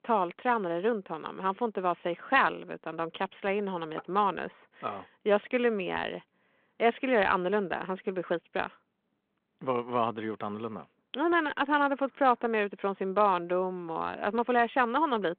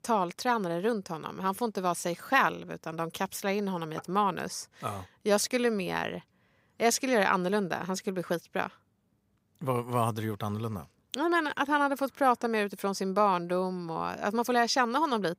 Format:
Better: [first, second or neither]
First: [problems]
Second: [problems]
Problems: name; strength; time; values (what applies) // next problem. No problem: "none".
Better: second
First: phone-call audio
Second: none